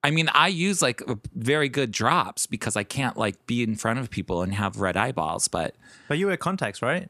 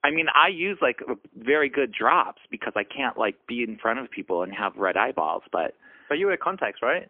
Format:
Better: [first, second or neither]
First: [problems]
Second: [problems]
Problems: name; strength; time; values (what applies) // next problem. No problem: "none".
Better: first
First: none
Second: phone-call audio; poor line; nothing above 3 kHz